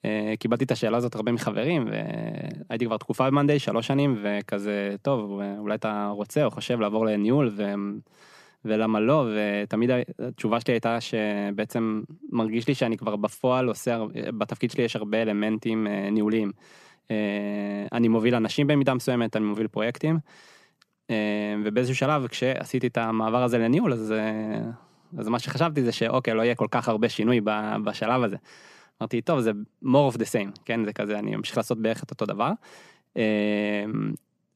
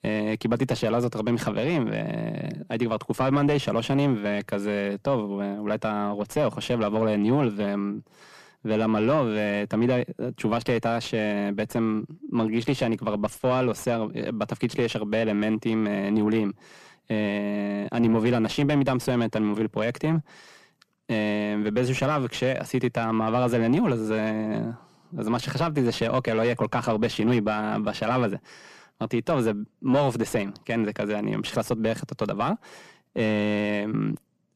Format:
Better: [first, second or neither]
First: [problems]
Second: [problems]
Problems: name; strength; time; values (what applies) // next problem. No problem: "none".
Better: first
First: none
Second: distortion; slight; 10 dB below the speech